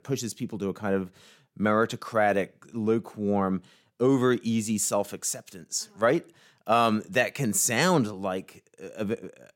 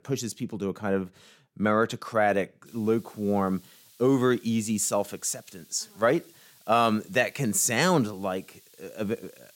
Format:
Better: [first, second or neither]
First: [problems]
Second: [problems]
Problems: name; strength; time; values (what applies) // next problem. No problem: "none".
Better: first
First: none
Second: hiss; faint; from 2.5 s on; 25 dB below the speech